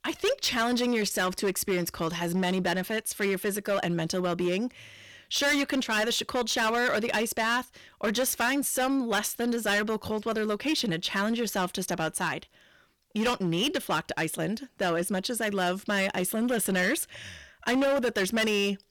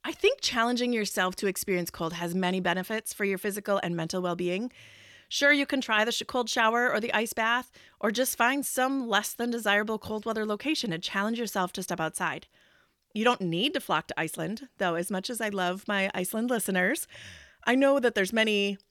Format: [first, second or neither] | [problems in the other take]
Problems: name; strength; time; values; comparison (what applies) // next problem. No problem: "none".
second | distortion; heavy; 12% of the sound clipped